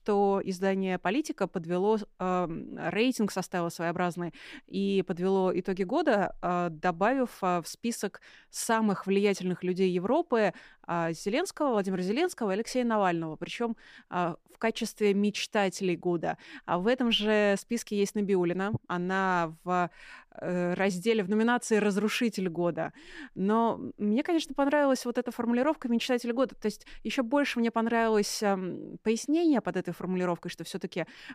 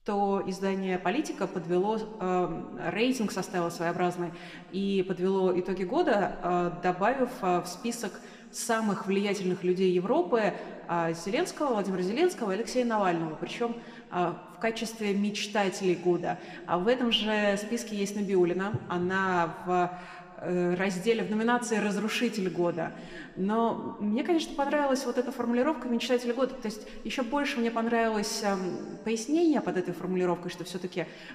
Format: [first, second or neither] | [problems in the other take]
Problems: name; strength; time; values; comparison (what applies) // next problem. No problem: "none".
first | room echo; very slight; dies away in 1.7 s